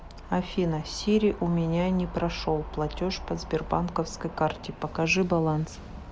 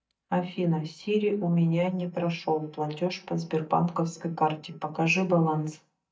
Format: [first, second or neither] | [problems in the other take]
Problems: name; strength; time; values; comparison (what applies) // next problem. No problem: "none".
first | noise reduction (neural mask model DeepFilterNet 3)